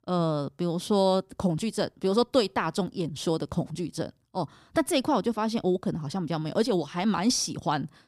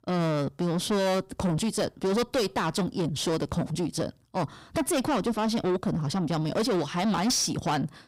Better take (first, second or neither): first